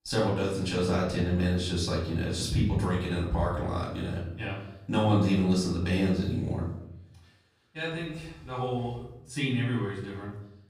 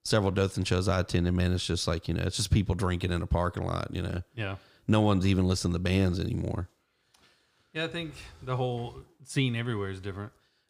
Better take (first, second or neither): second